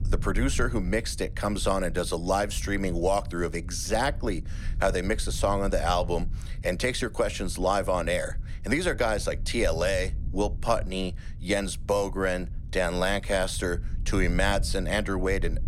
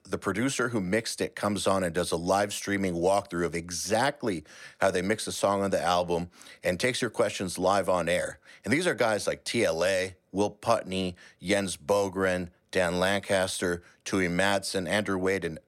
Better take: second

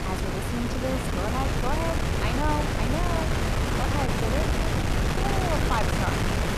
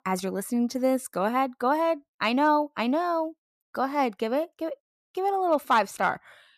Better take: second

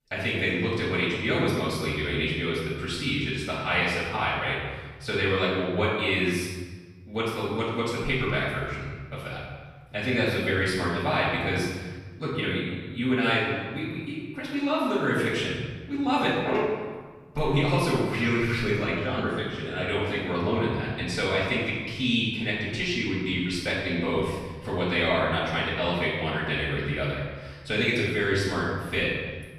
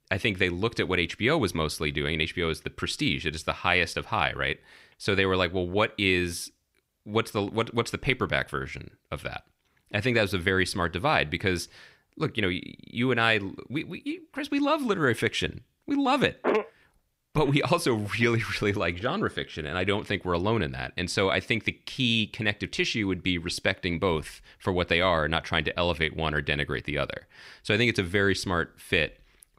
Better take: second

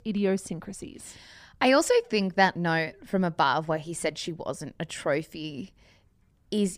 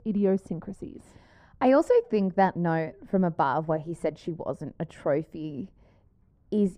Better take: first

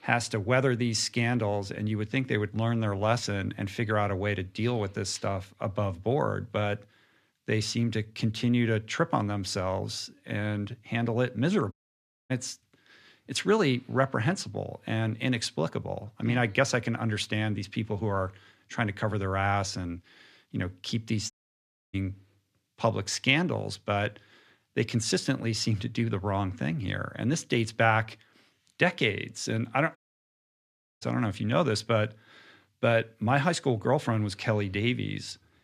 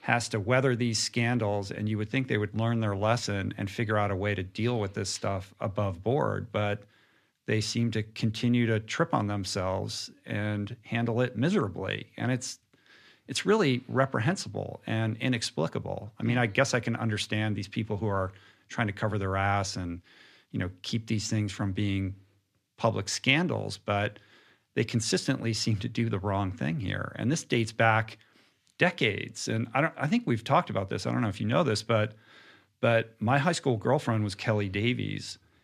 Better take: second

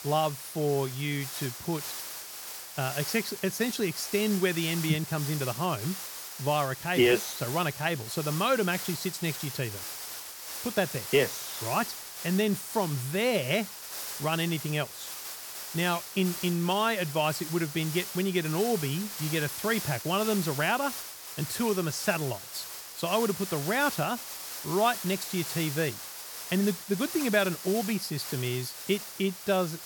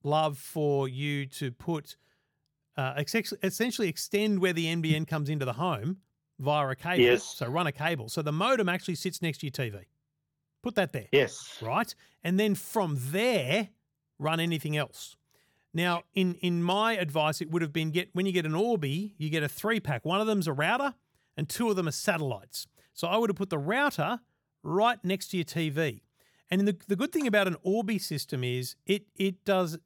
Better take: second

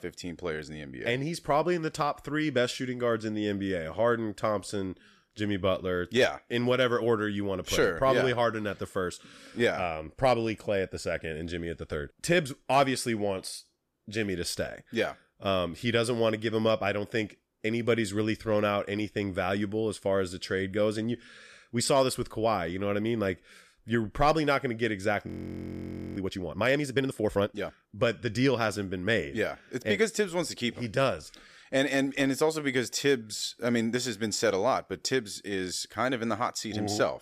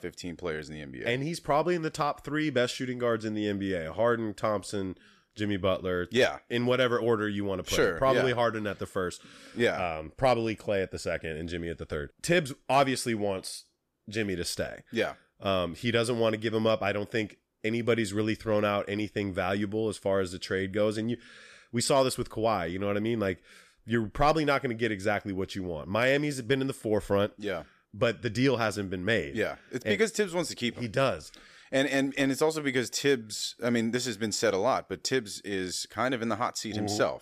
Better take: second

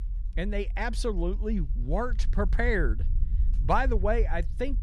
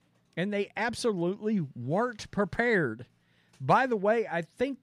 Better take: second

